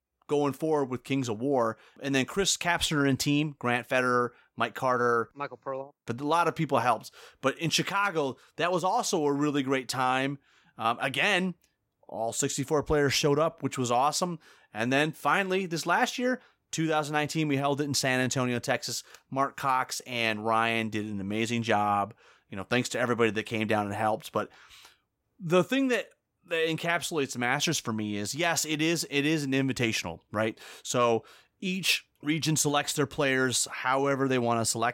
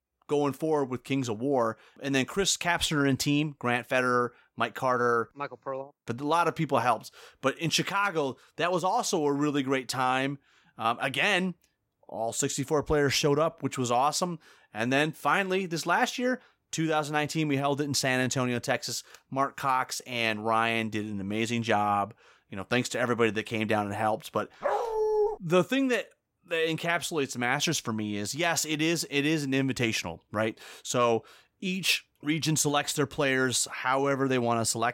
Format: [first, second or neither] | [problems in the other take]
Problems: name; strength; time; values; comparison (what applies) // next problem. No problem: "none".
first | dog barking; loud; at 25 s; peak 1 dB above the speech